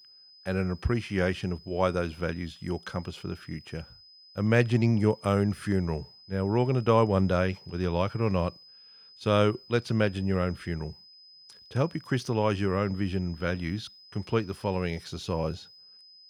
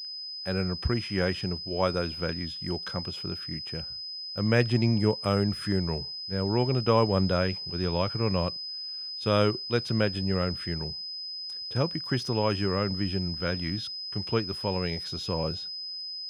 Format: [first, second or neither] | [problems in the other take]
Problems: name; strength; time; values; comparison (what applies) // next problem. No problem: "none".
first | high-pitched whine; loud; throughout; 5 kHz, 5 dB below the speech; faint in the first